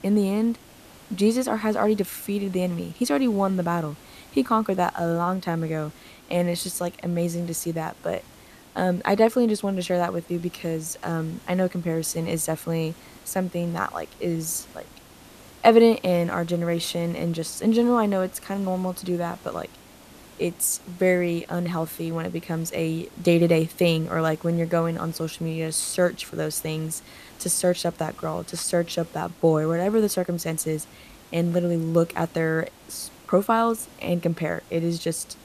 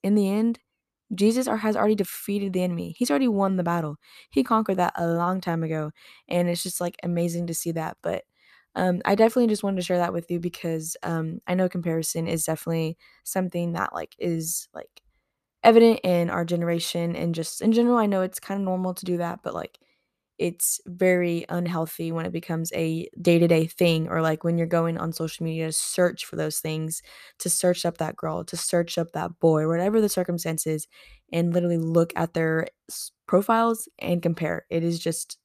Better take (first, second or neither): second